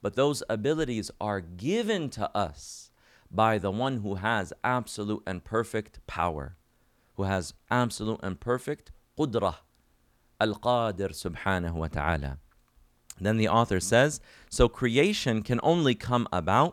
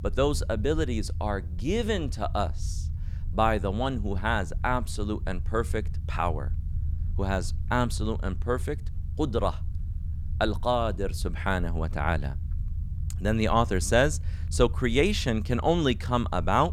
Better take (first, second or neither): first